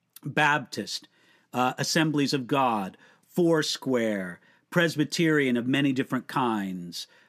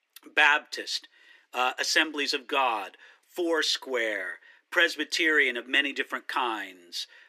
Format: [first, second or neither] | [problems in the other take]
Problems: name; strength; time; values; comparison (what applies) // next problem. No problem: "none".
first | thin; very; fading below 350 Hz